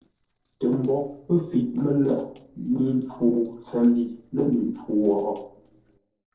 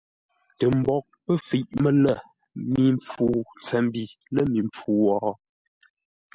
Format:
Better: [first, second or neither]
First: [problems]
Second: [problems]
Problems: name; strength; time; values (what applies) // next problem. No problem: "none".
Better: second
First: noise reduction (neural separator model SepFormer DNS4)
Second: none